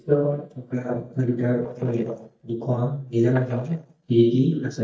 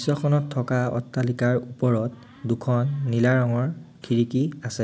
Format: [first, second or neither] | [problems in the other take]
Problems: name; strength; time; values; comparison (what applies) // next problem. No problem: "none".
second | noise reduction (neural mask model DeepFilterNet 3)